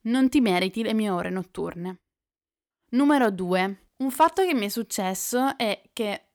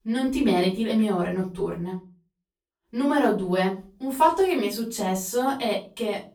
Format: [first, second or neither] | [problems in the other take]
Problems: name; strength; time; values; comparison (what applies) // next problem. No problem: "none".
first | off-mic speech; far // room echo; slight; dies away in 0.4 s